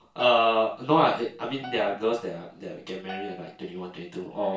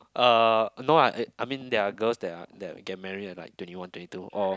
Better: second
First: background sound (Piano); 18 dB below the speech // room echo; dies away in 0.3 s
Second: none

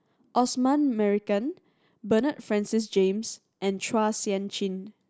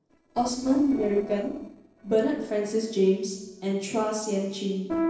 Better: first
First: none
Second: noise reduction (neural separator model SepFormer DNS4)

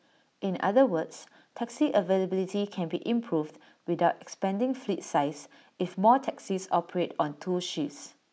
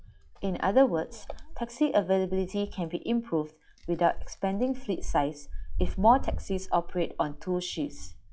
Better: first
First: none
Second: noise reduction (classical method log-MMSE)

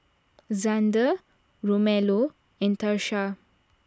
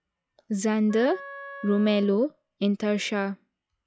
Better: first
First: none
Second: noise reduction (classical method log-MMSE)

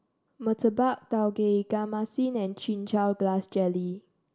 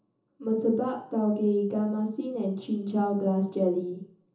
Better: first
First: none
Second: room echo; dies away in 0.7 s

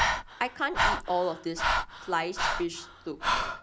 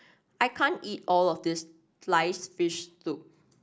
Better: second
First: background sound (Breathing); 3 dB above the speech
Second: none

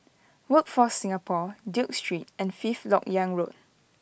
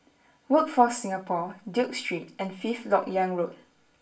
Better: first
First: none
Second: room echo; dies away in 0.3 s

